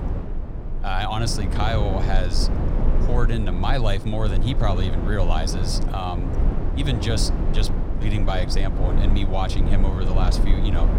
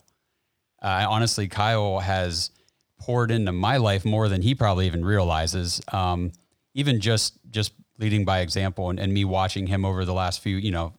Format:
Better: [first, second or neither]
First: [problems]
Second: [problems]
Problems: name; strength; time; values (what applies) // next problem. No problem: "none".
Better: second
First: low rumble; loud; throughout; 6 dB below the speech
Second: none